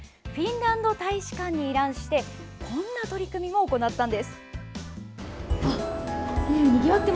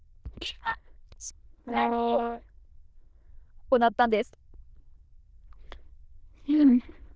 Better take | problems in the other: first | noise reduction (neural diffusion model UNIVERSE++)

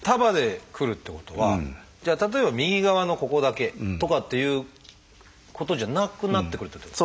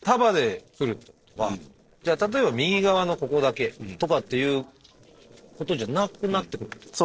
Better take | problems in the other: first | noise reduction (neural separator model SepFormer DNS4)

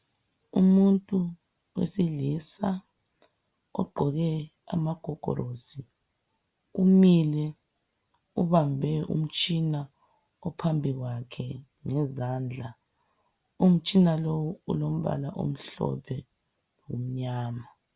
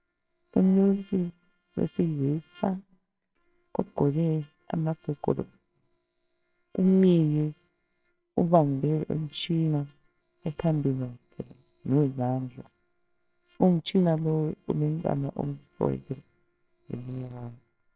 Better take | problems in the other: first | noise reduction (neural separator model SepFormer WHAMR!)

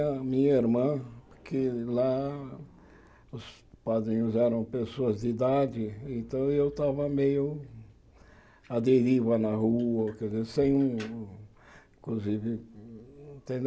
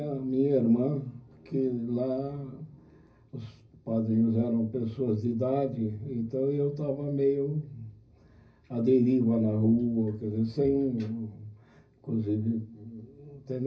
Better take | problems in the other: first | room echo; dies away in 0.4 s

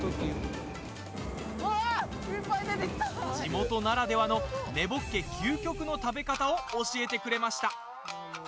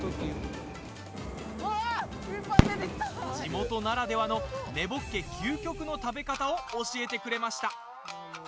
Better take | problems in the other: first | background sound (Fireworks); 4 dB above the speech

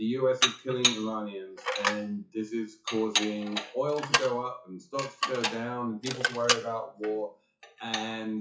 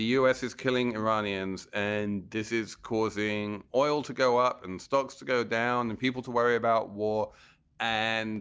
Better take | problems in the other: second | noise reduction (classical method WPE with log-MMSE)

